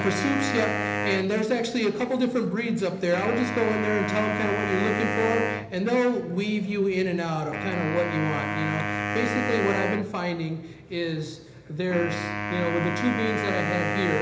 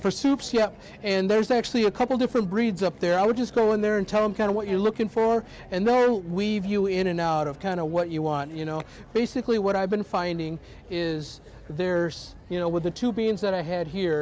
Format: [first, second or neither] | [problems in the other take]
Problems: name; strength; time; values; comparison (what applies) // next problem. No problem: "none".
second | background sound (Wind instrument, woodwind instrument); 4 dB below the speech // room echo; dies away in 1 s